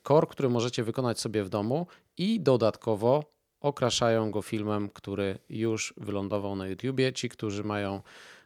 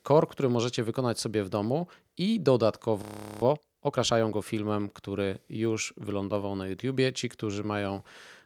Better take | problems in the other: first | audio freezing; at 3 s

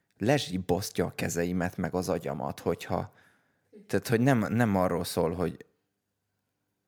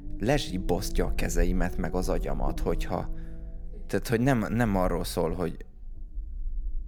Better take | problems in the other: first | low rumble; noticeable; throughout; 20 dB below the speech

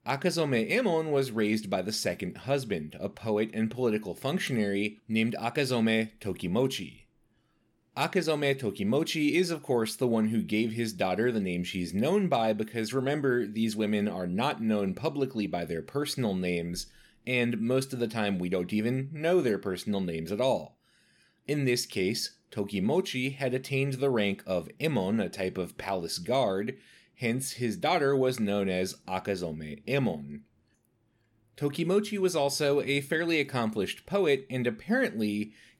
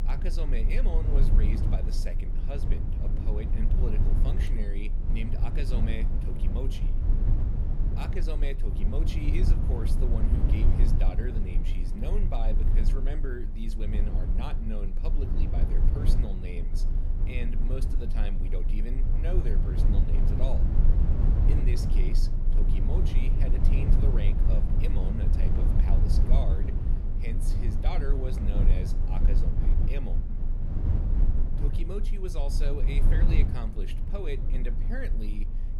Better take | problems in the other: first | low rumble; loud; throughout; 1 dB below the speech

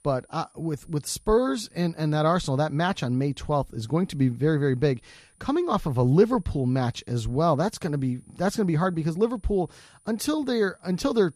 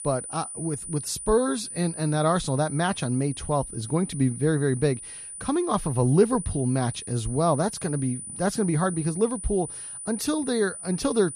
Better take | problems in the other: first | high-pitched whine; loud; throughout; 9.5 kHz, 9 dB below the speech; faint in the first

